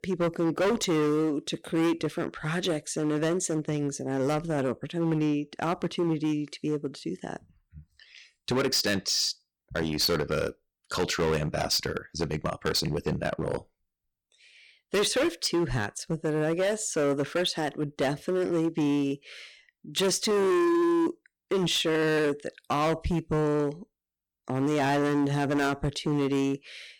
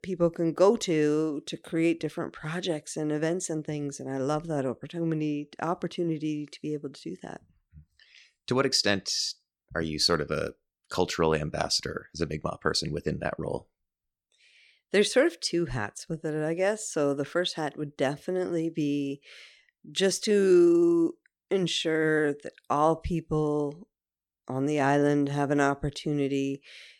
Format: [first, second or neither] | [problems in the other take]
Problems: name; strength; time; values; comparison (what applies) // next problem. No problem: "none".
second | distortion; heavy; 14% of the sound clipped